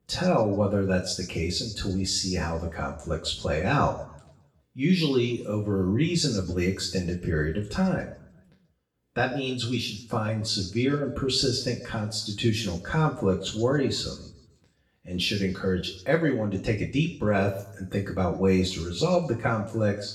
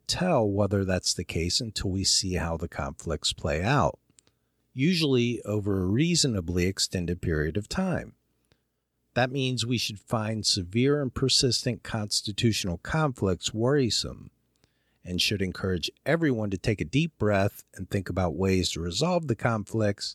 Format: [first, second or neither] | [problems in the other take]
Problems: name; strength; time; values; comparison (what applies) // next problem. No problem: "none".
second | room echo; slight; dies away in 0.6 s // off-mic speech; far